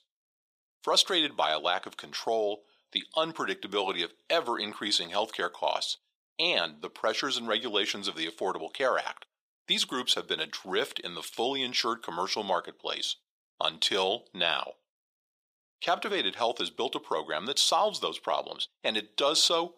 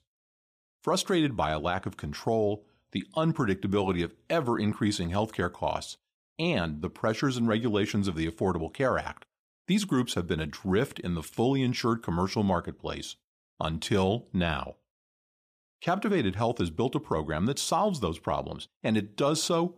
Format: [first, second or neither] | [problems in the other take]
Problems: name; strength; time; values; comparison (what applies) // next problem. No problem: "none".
second | thin; very; fading below 550 Hz